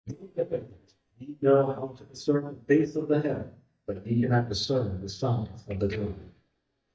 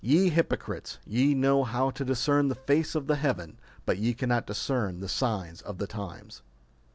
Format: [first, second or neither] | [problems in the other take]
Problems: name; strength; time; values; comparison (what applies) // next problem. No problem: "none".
second | noise reduction (neural mask model DeepFilterNet 3)